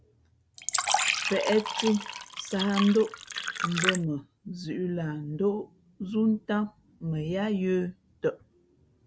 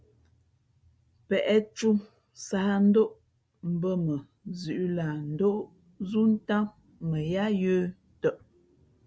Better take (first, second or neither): second